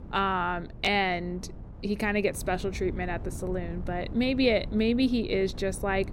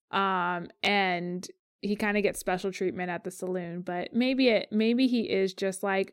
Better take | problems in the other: second | wind noise on the microphone; occasional gusts; 20 dB below the speech

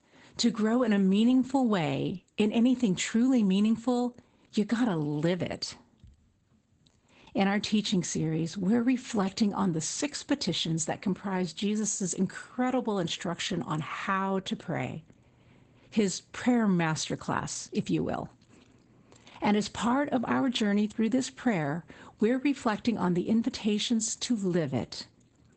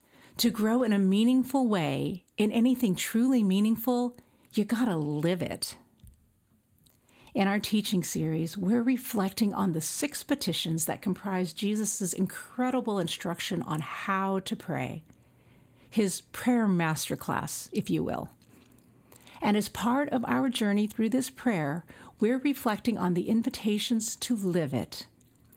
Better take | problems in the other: second | garbled, watery; badly; nothing above 8 kHz; slightly in the second

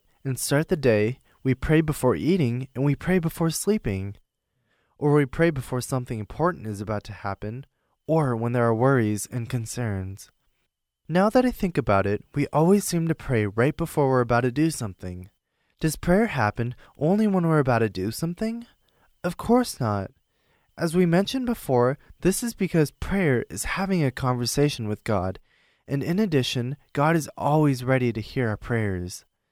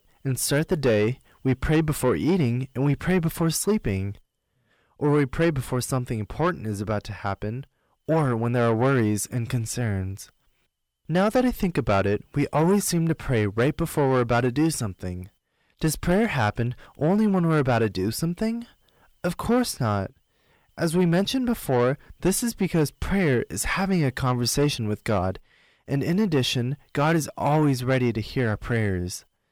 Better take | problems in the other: first | distortion; slight; 10 dB below the speech

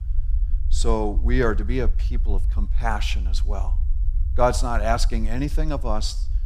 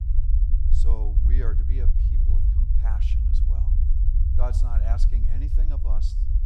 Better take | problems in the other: first | low rumble; loud; throughout; 2 dB below the speech; faint in the first

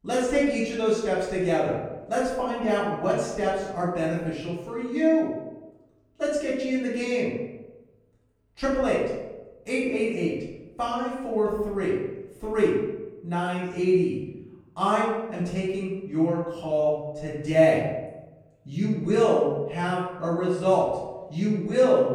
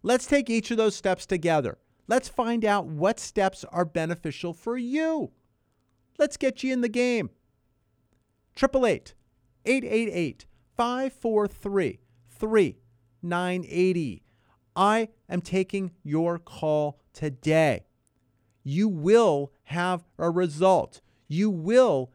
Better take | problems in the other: second | room echo; noticeable; dies away in 0.9 s // off-mic speech; far

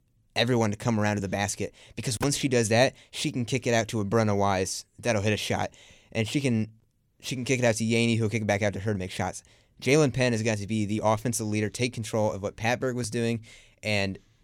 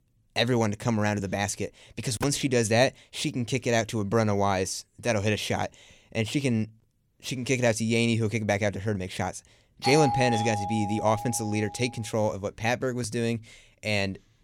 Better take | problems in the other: first | doorbell; loud; from 10 to 12 s; peak 1 dB above the speech

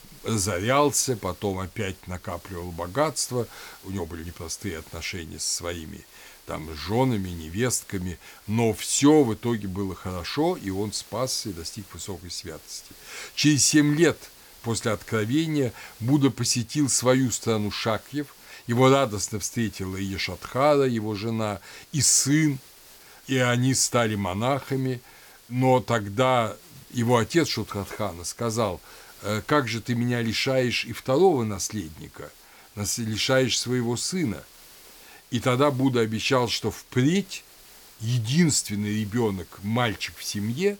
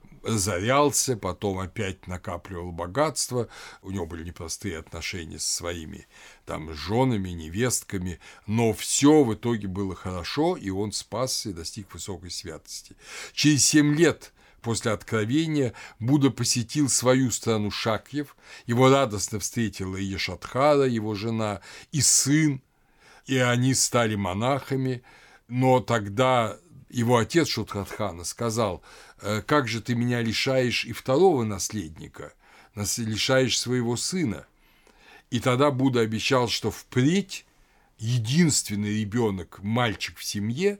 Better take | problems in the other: second | hiss; faint; throughout; 25 dB below the speech

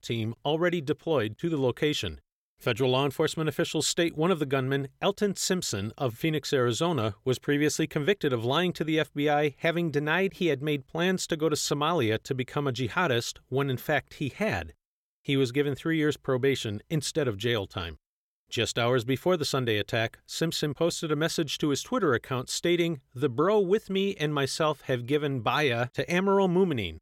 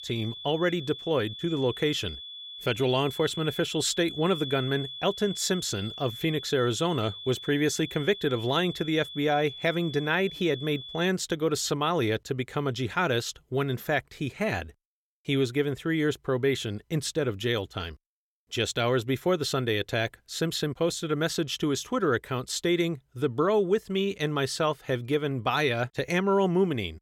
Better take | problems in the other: first | high-pitched whine; noticeable; until 11 s; 3.5 kHz, 10 dB below the speech

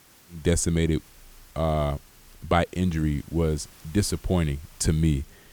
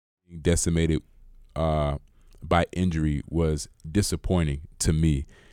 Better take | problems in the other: second | hiss; faint; throughout; 25 dB below the speech

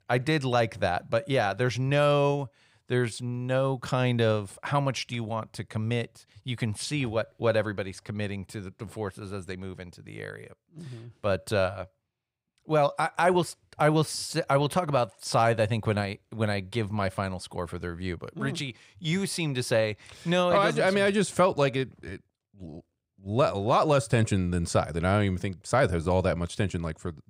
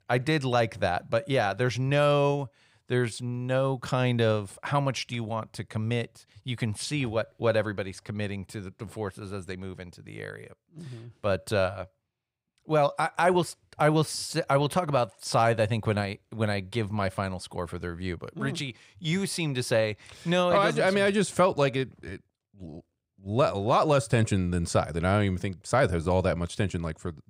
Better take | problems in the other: neither | none

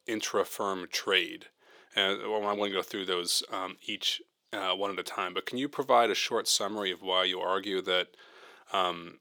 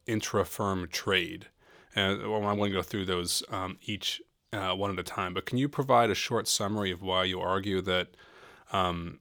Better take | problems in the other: second | thin; somewhat; fading below 350 Hz

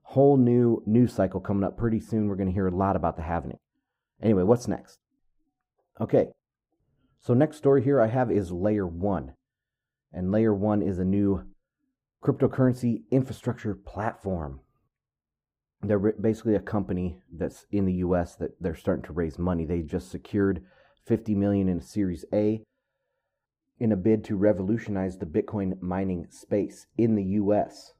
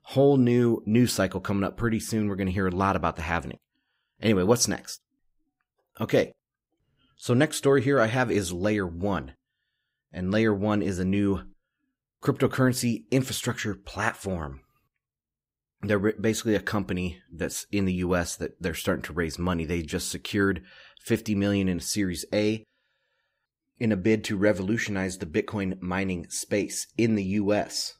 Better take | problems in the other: second | muffled; very; fading above 1.5 kHz

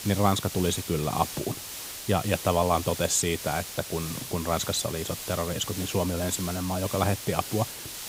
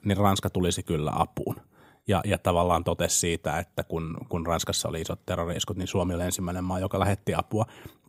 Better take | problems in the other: second | hiss; loud; throughout; 7 dB below the speech

